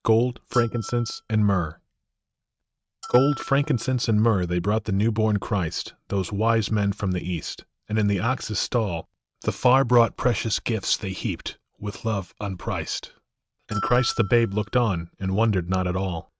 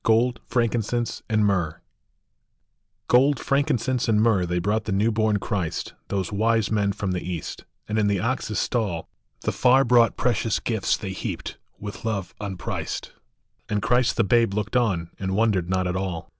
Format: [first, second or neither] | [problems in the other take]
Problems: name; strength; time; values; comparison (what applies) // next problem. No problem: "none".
second | noise reduction (neural mask model RNNoise)